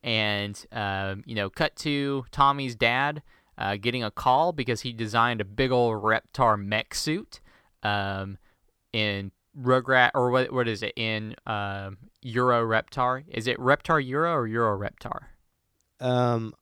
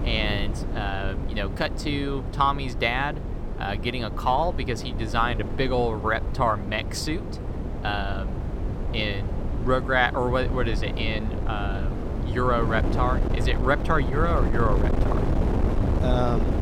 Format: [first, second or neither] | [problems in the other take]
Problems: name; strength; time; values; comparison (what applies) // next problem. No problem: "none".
first | wind noise on the microphone; heavy; 9 dB below the speech